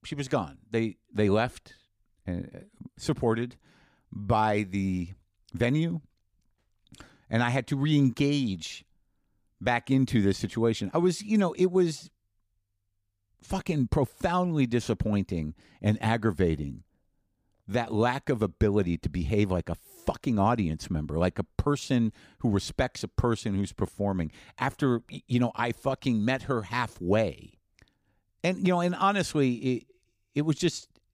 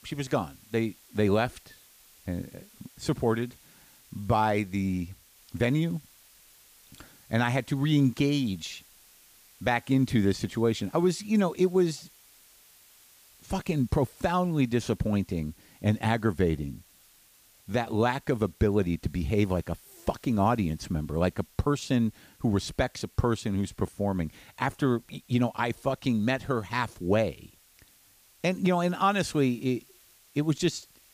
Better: first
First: none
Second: hiss; faint; throughout; 25 dB below the speech

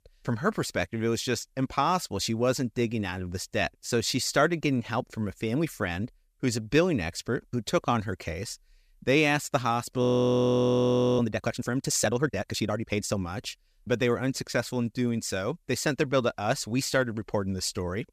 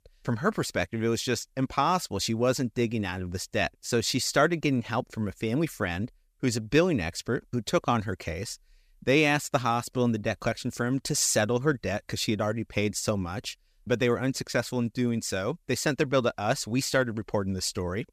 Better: second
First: audio freezing; at 10 s for 1 s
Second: none

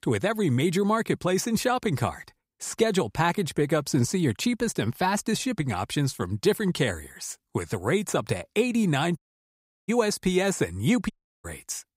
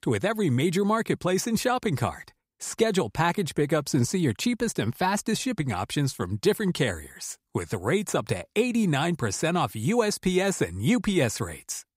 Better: second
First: audio cutting out; at 9 s for 0.5 s and at 11 s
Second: none

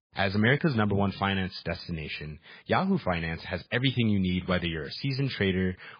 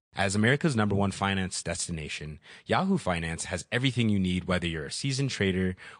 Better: second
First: garbled, watery; badly; nothing above 5 kHz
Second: garbled, watery; slightly; nothing above 9 kHz

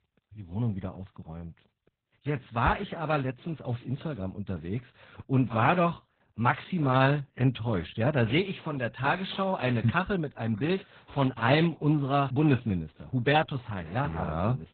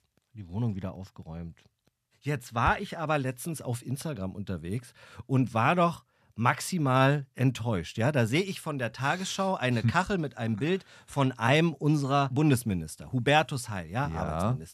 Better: second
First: garbled, watery; badly; nothing above 4 kHz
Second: none

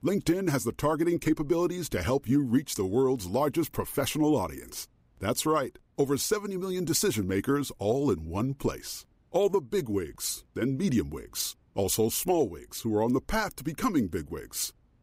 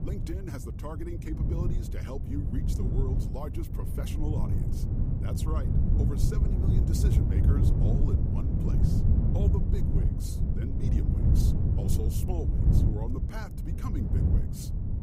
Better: first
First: none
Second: wind noise on the microphone; heavy; 3 dB above the speech

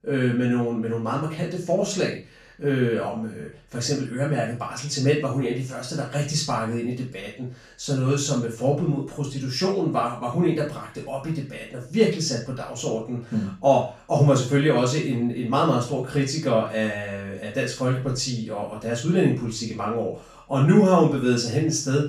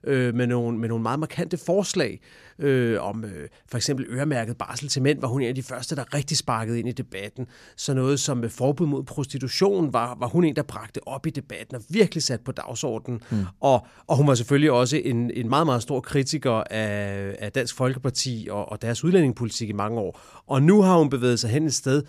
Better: second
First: room echo; noticeable; dies away in 0.3 s // off-mic speech; far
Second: none

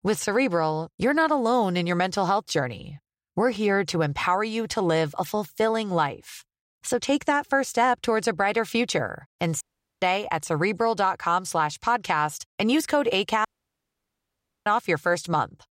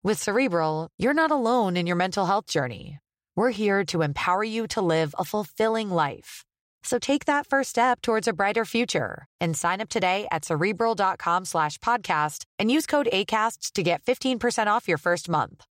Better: second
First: audio cutting out; at 9.5 s and at 13 s for 1 s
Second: none

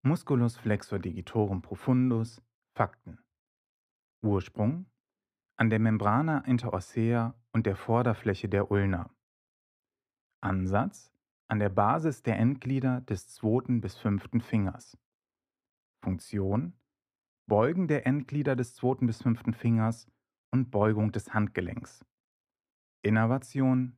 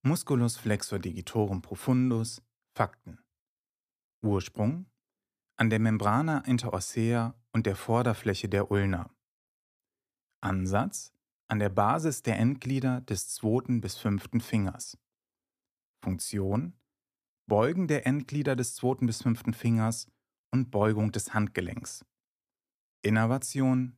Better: second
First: muffled; slightly; fading above 3.5 kHz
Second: none

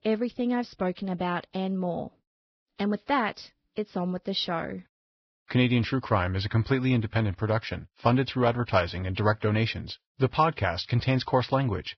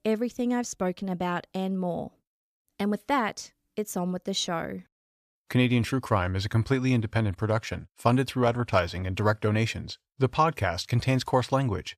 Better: second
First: garbled, watery; badly; nothing above 5.5 kHz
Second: none

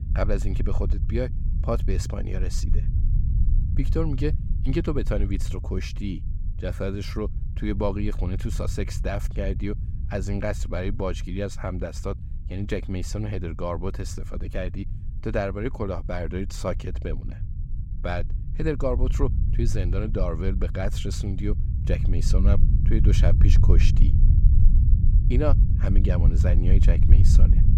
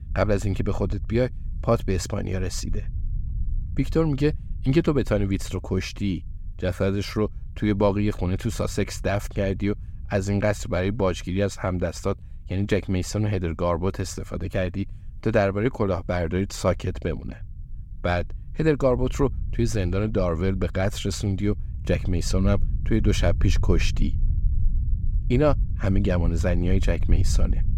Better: second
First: low rumble; loud; throughout; 9 dB below the speech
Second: low rumble; faint; throughout; 20 dB below the speech

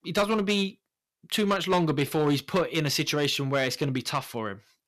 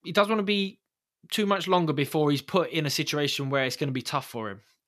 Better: second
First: distortion; slight; 5% of the sound clipped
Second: none

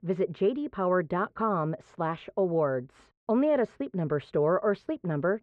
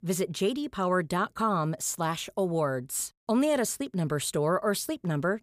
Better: second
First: muffled; very; fading above 2 kHz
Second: none

